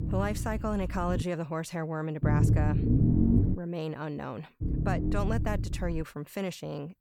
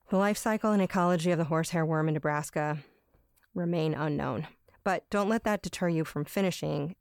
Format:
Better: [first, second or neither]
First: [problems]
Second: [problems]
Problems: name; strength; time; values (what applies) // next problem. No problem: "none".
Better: second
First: low rumble; loud; until 1 s, from 2 to 3.5 s and from 4.5 to 6 s; 2 dB below the speech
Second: none